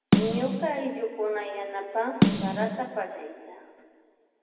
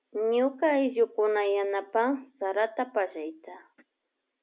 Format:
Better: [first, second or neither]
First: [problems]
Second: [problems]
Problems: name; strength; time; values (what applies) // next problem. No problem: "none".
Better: second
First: background sound (Snare drum); 3 dB above the speech // room echo; dies away in 2.2 s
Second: none